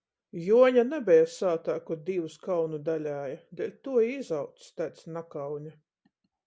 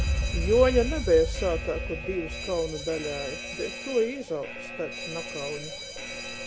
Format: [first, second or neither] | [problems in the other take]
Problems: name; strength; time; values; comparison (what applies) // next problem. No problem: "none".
first | background sound (Alarm); 4 dB below the speech